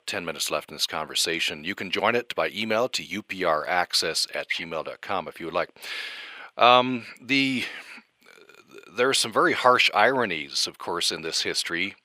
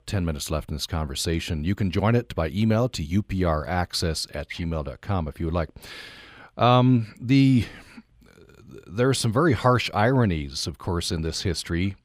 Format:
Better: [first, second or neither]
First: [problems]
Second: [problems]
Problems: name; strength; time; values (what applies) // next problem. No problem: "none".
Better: second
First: thin; somewhat; fading below 450 Hz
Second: none